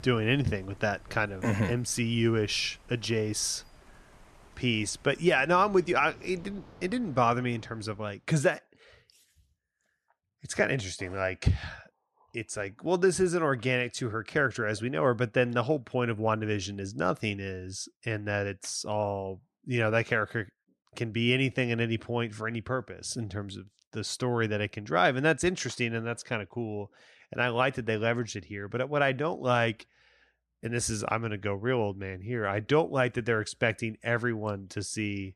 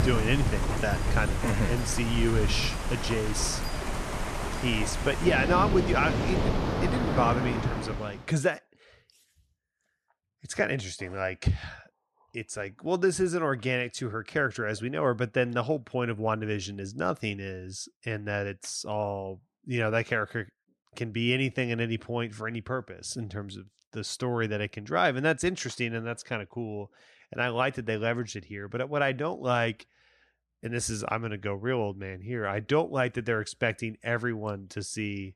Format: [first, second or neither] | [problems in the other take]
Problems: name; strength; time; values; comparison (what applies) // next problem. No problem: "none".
first | rain or running water; loud; until 8 s; 1 dB below the speech; faint in the first